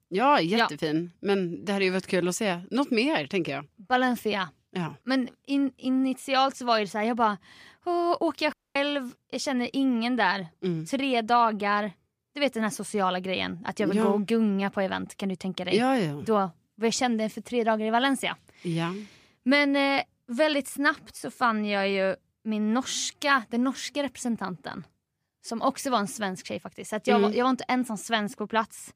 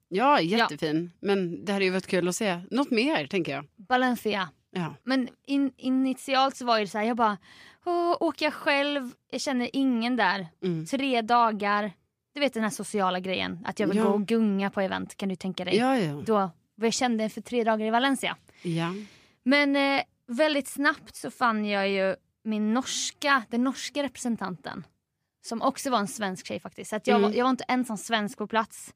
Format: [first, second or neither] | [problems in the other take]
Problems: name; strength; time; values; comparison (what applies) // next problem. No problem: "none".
second | audio cutting out; at 8.5 s